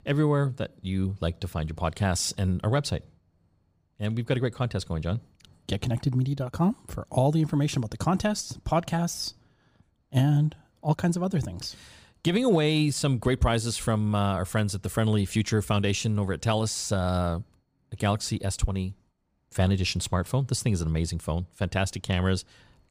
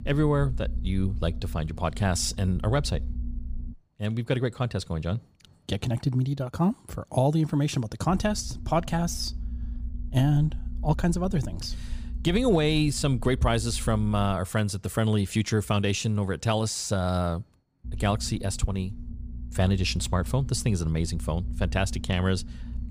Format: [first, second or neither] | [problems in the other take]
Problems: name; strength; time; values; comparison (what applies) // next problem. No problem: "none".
first | low rumble; faint; until 3.5 s, from 8 to 14 s and from 18 s on; 20 dB below the speech